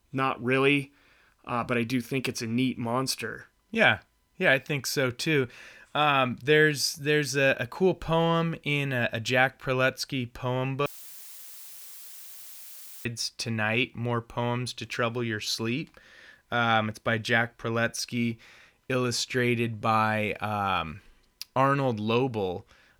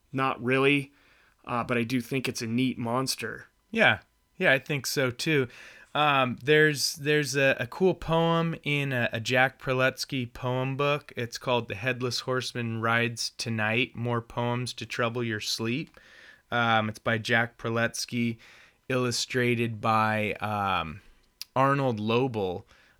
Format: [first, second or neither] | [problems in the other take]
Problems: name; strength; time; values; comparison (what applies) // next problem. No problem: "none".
second | audio cutting out; filled with static; at 11 s for 2 s